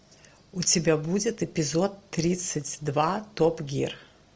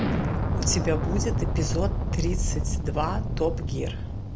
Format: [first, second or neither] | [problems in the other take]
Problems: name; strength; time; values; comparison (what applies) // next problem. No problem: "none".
first | background sound (Explosion); 4 dB above the speech